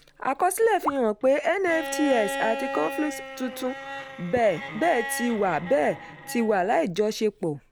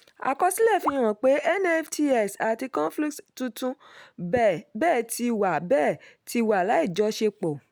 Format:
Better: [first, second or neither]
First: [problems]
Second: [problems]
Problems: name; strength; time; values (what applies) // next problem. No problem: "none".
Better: second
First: background sound (Bowed string instrument); 11 dB below the speech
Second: none